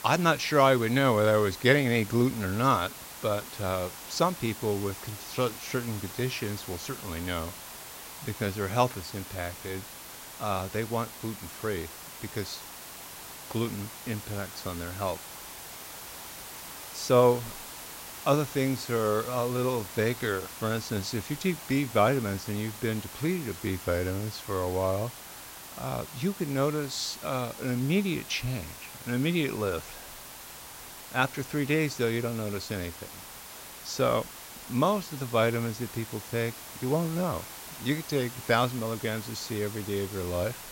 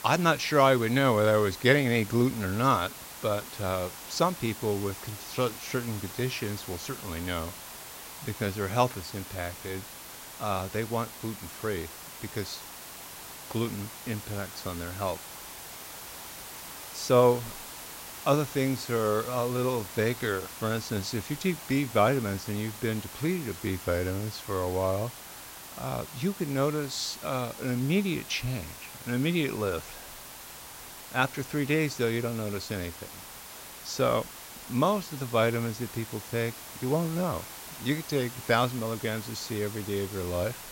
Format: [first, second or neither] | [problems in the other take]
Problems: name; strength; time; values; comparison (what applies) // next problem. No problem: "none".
neither | hiss; noticeable; throughout; 10 dB below the speech; the same in both